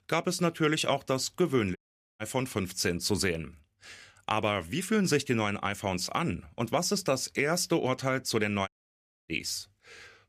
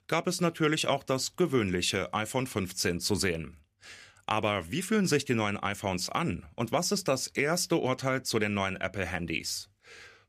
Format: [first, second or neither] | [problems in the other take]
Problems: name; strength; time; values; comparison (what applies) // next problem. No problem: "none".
second | audio cutting out; at 2 s and at 8.5 s for 0.5 s